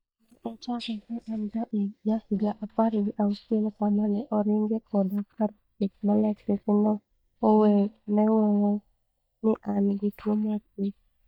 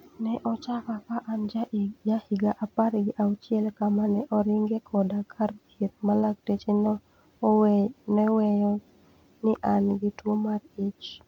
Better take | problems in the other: second | noise reduction (neural mask model DeepFilterNet 3)

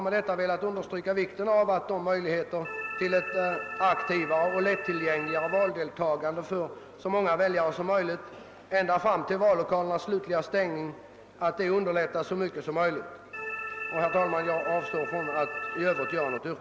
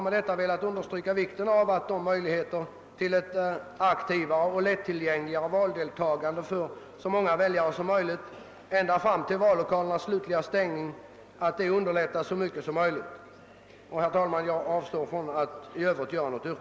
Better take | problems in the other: second | background sound (Organ); 7 dB below the speech

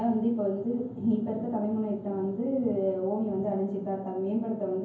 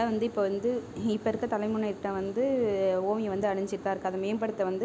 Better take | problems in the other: second | room echo; dies away in 0.9 s

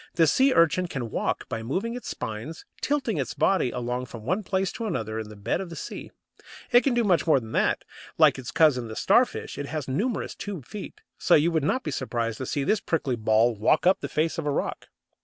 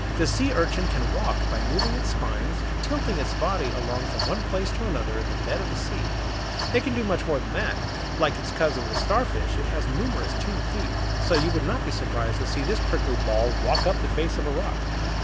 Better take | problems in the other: first | background sound (Mechanical fan); 3 dB above the speech

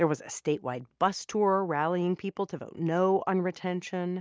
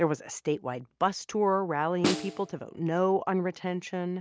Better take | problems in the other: first | background sound (Snare drum); 7 dB below the speech

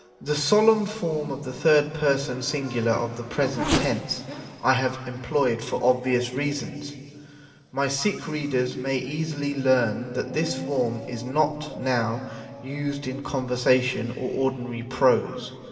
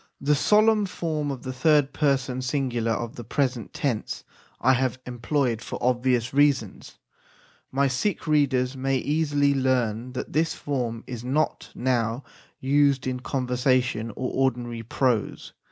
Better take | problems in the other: second | background sound (Race car, auto racing / Accelerating, revving, vroom); 13 dB below the speech // room echo; dies away in 2.5 s

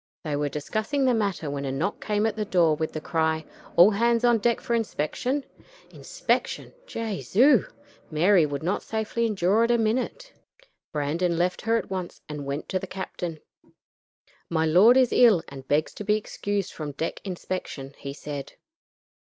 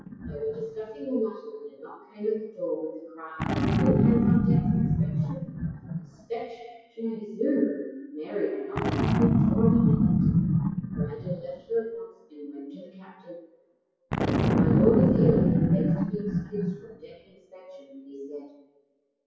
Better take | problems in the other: first | noise reduction (classical method WPE with log-MMSE)

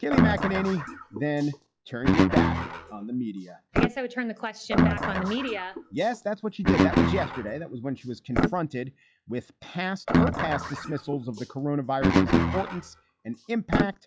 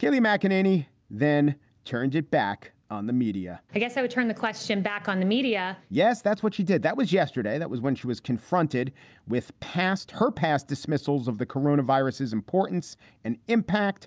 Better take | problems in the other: second | noise reduction (classical method log-MMSE)

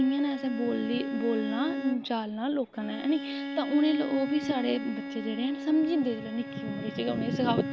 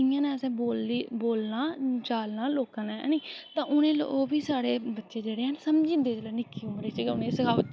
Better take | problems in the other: second | background sound (Bowed string instrument); 6 dB below the speech

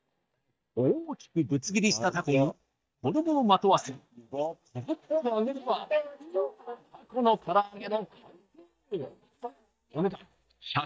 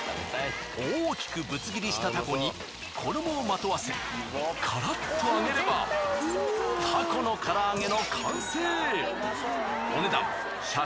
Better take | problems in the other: second | noise reduction (neural mask model DeepFilterNet 3)

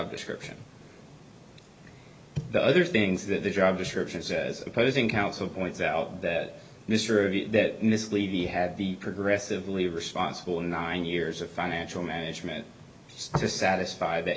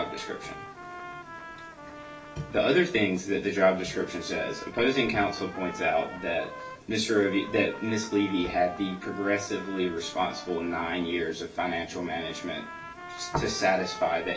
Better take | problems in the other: first | background sound (Trumpet); 14 dB below the speech // room echo; dies away in 0.2 s

